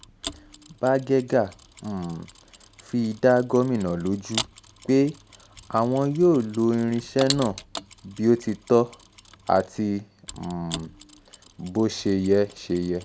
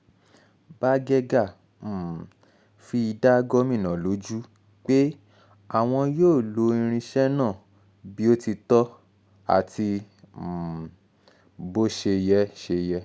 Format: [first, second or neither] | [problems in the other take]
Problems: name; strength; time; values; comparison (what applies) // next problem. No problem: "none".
second | background sound (Mechanisms); 16 dB below the speech